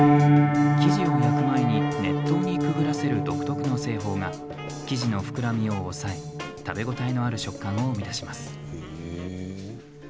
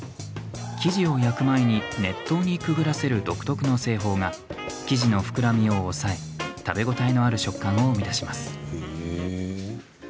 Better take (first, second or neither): second